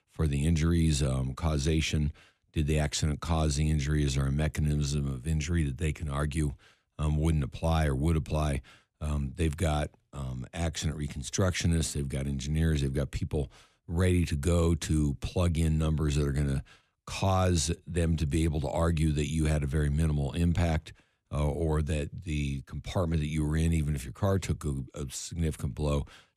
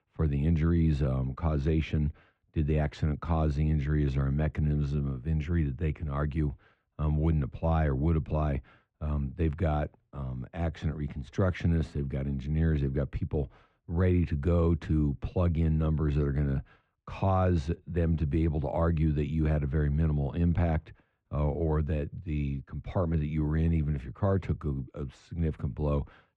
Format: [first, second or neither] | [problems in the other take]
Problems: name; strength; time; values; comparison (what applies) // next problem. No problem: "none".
first | muffled; very; fading above 1.5 kHz